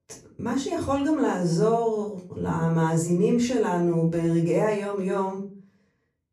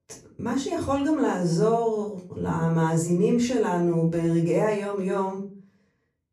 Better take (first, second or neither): neither